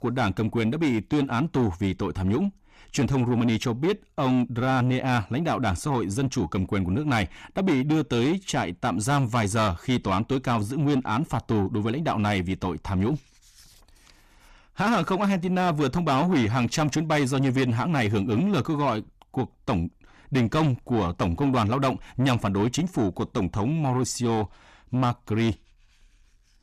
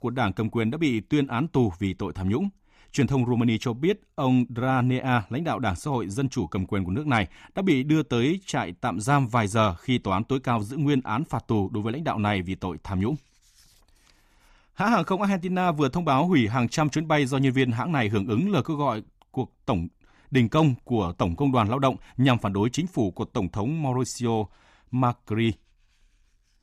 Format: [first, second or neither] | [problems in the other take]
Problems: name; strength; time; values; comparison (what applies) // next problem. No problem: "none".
second | distortion; slight; 10 dB below the speech